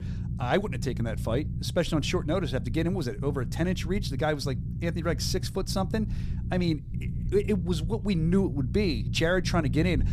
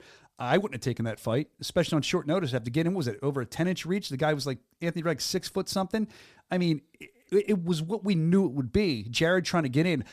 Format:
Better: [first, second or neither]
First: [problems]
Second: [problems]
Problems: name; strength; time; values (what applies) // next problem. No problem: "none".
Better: second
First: low rumble; noticeable; throughout; 15 dB below the speech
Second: none